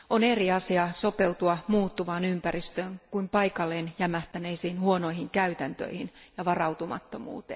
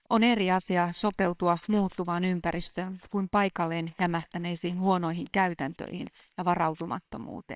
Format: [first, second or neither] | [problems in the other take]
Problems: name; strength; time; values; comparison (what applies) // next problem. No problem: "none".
first | noise reduction (neural separator model SepFormer WHAMR!)